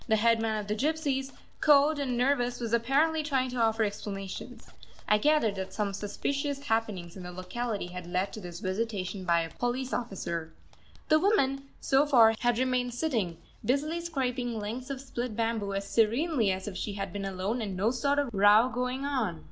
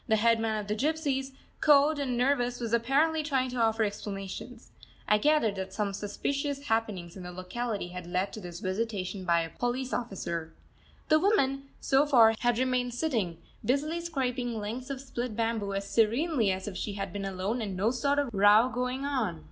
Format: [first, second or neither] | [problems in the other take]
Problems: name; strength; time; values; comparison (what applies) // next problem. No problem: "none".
second | background sound (Zipper (clothing)); 17 dB below the speech